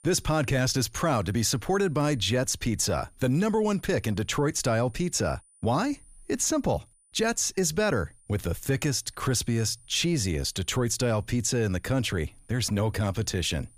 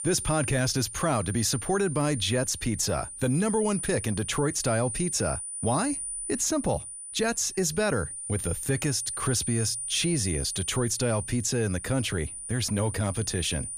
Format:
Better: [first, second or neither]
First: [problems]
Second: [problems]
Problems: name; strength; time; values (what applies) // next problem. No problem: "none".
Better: first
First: high-pitched whine; faint; throughout; 9 kHz, 30 dB below the speech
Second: high-pitched whine; loud; throughout; 9 kHz, 6 dB below the speech